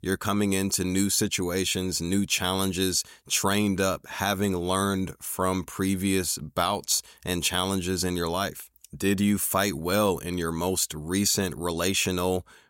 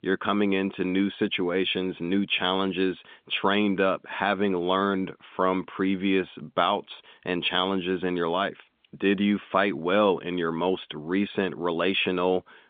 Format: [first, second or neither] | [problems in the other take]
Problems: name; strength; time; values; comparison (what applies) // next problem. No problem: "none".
first | phone-call audio; nothing above 3.5 kHz